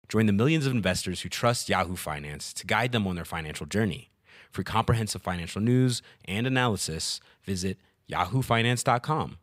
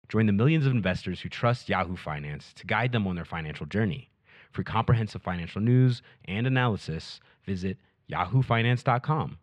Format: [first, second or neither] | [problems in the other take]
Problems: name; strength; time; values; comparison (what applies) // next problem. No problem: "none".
first | muffled; slightly; fading above 2.5 kHz